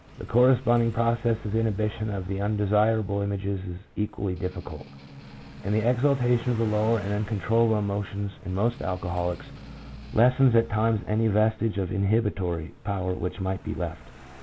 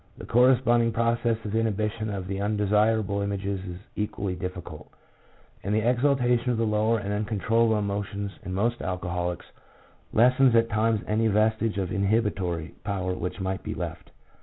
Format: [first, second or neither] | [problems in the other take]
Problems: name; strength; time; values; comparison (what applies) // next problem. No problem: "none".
second | background sound (Car passing by + Strum); 19 dB below the speech